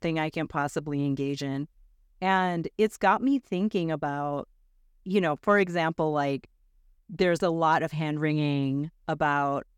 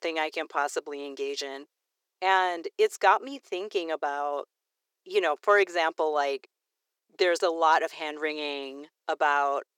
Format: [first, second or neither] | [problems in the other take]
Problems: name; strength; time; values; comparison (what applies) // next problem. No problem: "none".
first | thin; very; fading below 400 Hz